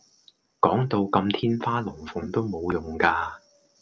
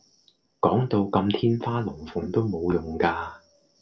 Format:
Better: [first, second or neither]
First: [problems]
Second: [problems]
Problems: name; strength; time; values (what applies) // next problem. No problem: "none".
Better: first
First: none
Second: room echo; dies away in 0.2 s